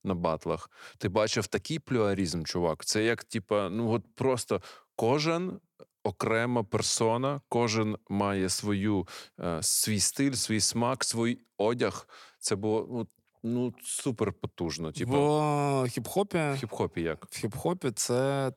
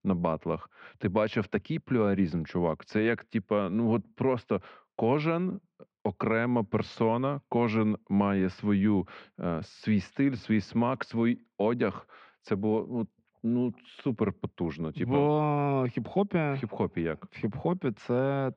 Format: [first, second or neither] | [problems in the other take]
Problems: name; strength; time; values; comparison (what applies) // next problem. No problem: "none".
first | muffled; very; fading above 3 kHz